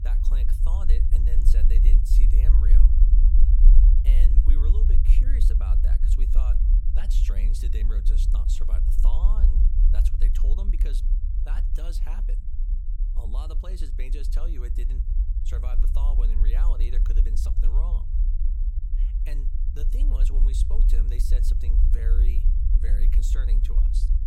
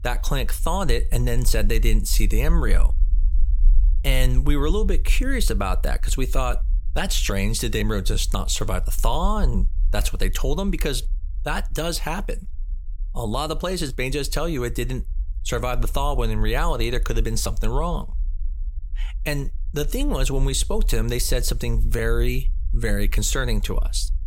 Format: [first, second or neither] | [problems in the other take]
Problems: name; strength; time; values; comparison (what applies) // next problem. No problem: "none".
second | low rumble; loud; throughout; 1 dB below the speech; faint in the second